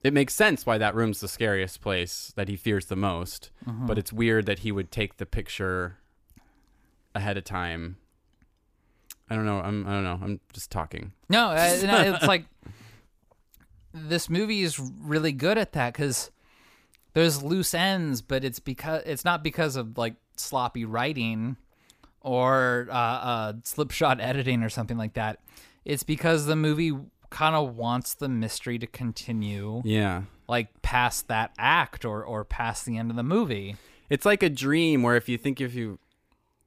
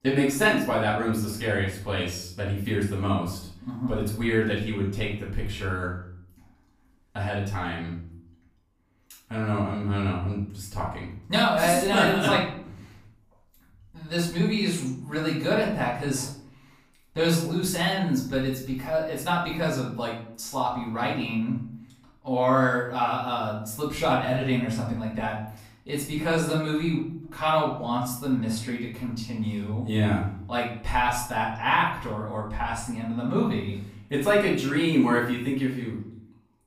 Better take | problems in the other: first | off-mic speech; far // room echo; noticeable; dies away in 0.5 s

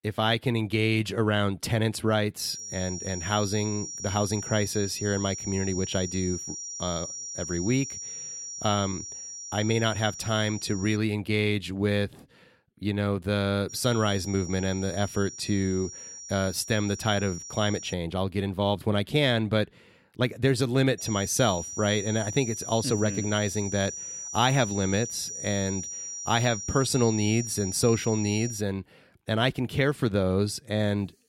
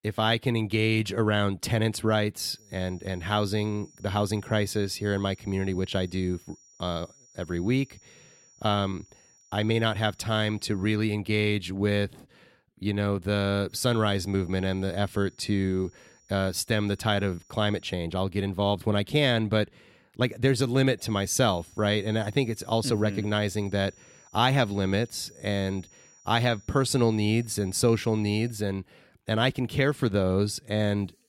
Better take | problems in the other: second | high-pitched whine; loud; from 2.5 to 11 s, from 14 to 18 s and from 21 to 29 s; 5.5 kHz, 8 dB below the speech; faint in the second

